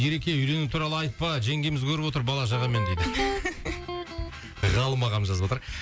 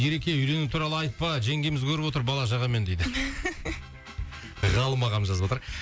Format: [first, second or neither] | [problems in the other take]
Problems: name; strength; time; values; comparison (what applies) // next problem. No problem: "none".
second | background sound (Electric guitar); 7 dB below the speech